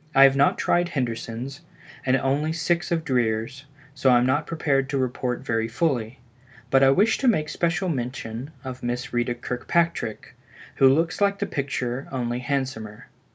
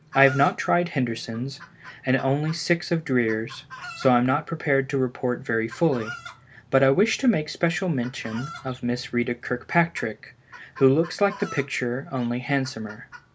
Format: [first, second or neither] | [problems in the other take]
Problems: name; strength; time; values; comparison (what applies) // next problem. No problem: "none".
first | background sound (Chicken, rooster); 20 dB below the speech